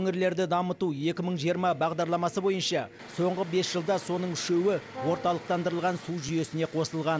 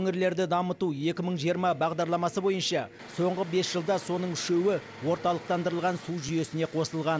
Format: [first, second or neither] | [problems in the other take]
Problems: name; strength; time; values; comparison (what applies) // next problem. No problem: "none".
second | background sound (Brass instrument); 13 dB below the speech